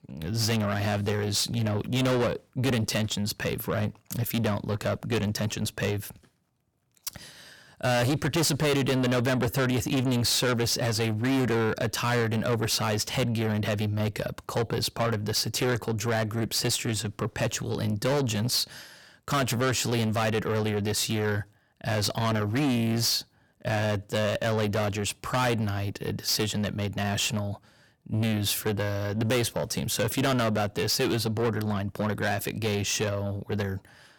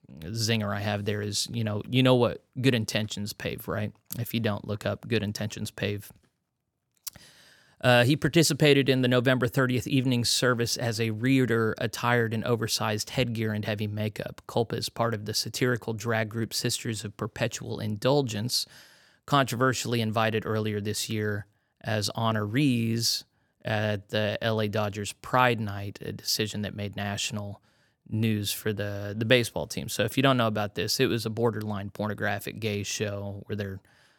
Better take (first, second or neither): second